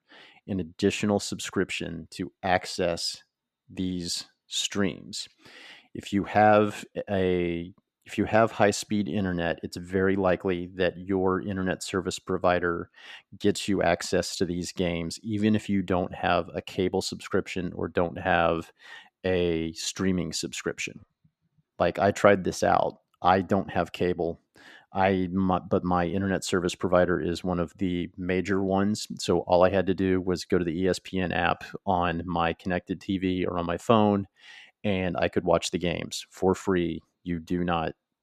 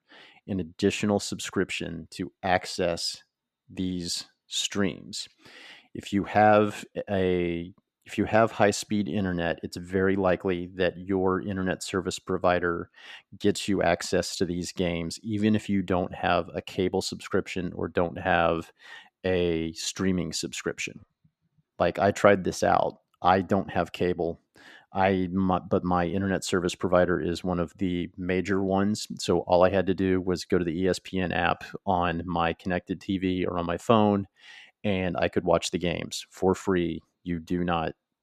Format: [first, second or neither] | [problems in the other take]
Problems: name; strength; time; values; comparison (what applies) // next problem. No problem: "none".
neither | none